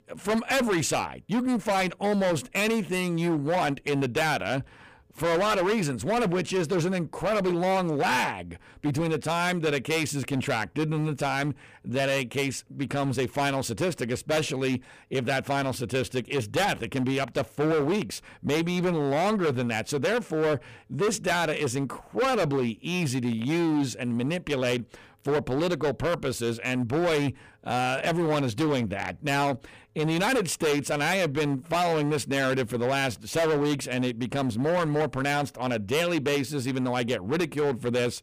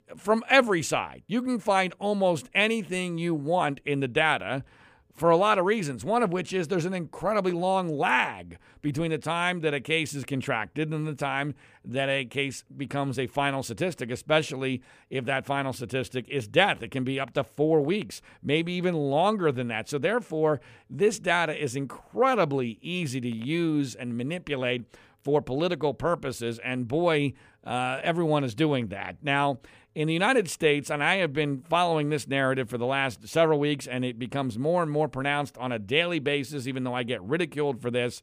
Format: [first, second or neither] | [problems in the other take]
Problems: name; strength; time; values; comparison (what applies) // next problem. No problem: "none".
second | distortion; heavy; 17% of the sound clipped